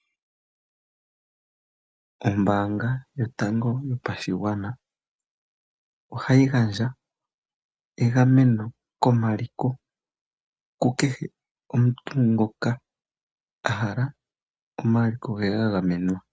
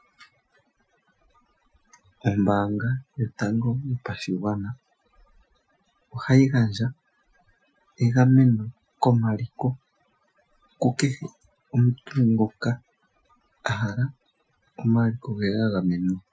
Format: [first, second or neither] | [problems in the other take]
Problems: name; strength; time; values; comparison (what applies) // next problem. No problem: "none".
first | noise reduction (classical method Wiener filter)